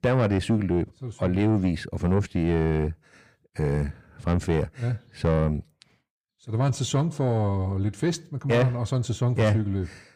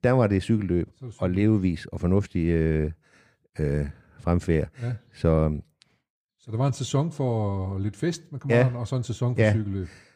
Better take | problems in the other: second | distortion; slight; 10 dB below the speech

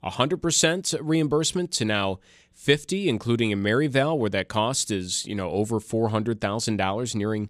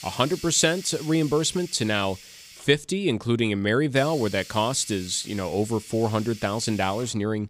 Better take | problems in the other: first | hiss; noticeable; throughout; 15 dB below the speech

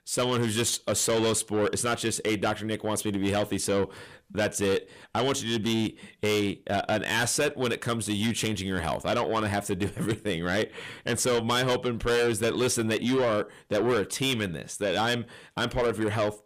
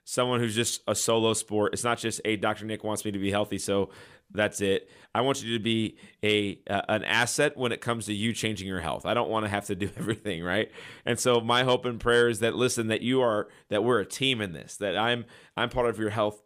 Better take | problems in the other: second | distortion; heavy; 8 dB below the speech

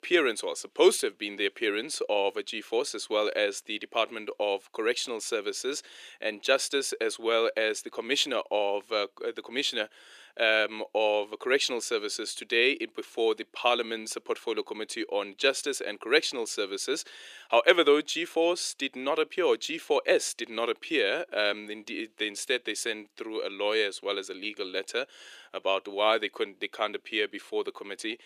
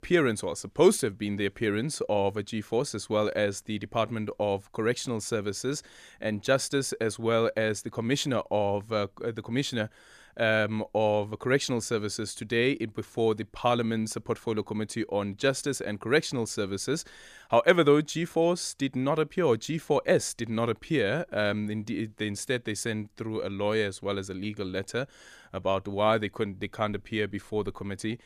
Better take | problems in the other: second | thin; somewhat; fading below 350 Hz

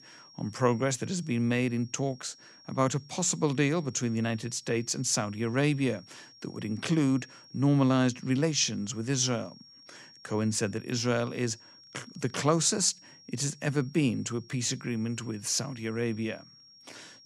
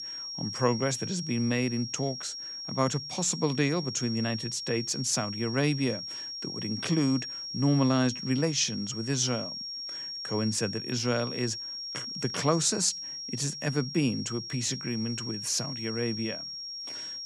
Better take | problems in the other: first | high-pitched whine; loud; throughout; 5.5 kHz, 6 dB below the speech; faint in the first

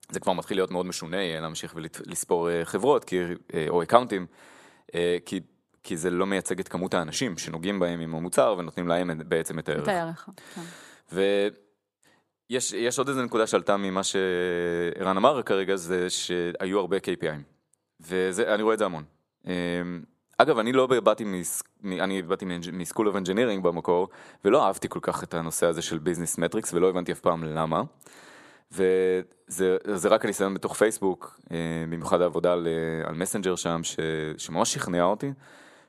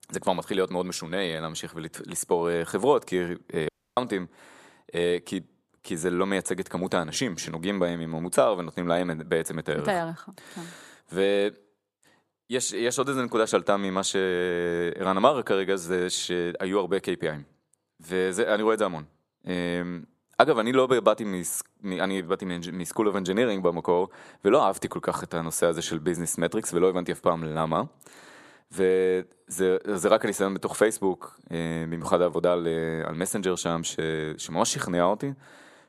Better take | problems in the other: first | audio cutting out; at 3.5 s

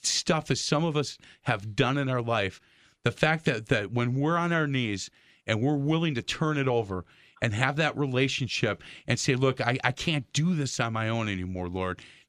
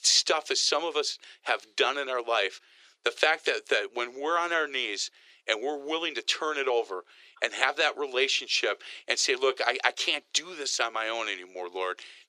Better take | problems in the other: first | thin; very; fading below 400 Hz

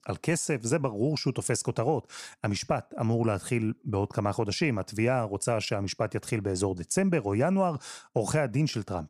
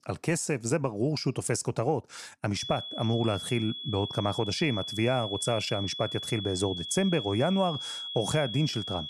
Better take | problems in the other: first | high-pitched whine; loud; from 2.5 s on; 3.5 kHz, 6 dB below the speech

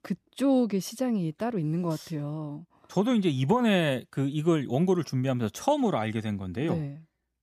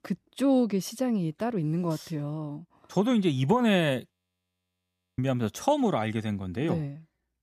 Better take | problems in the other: first | audio freezing; at 4 s for 1 s

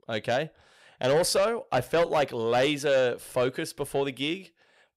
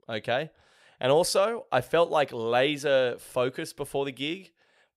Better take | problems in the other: second | distortion; slight; 10 dB below the speech

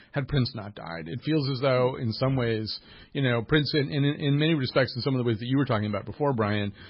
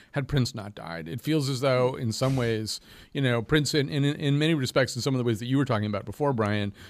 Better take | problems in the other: second | garbled, watery; badly; nothing above 5 kHz

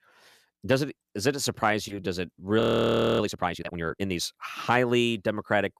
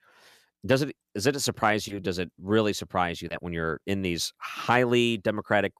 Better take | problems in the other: second | audio freezing; at 2.5 s for 0.5 s

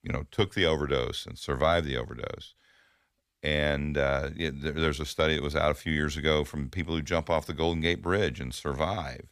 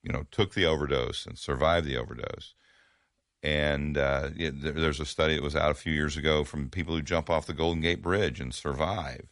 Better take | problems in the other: first | garbled, watery; slightly; nothing above 11 kHz

